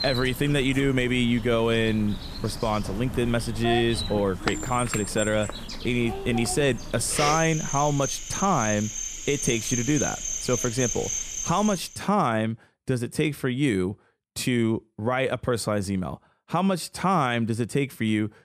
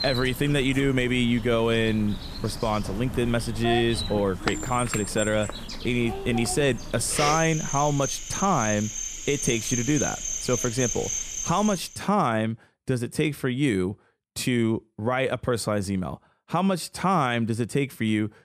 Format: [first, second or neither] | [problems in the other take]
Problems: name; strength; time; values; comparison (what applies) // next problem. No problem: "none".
neither | animal sounds; loud; until 12 s; 6 dB below the speech; the same in both